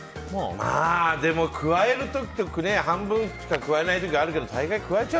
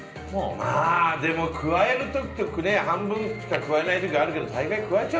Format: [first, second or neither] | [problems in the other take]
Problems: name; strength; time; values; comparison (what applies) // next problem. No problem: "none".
first | room echo; dies away in 0.5 s